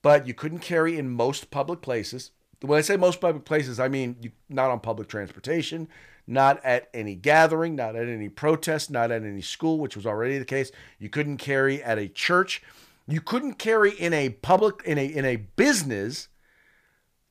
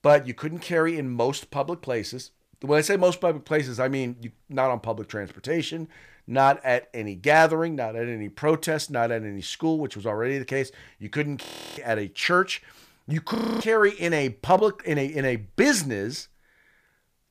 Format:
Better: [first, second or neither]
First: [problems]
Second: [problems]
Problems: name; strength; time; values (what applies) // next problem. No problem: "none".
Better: first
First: none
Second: audio freezing; at 11 s and at 13 s